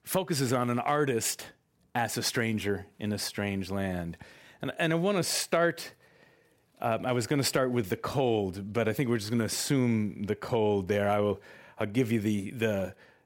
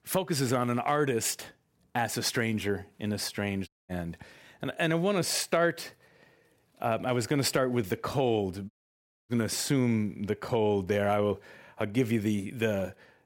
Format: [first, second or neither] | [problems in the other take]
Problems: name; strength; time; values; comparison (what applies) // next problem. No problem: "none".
first | audio cutting out; at 3.5 s and at 8.5 s for 0.5 s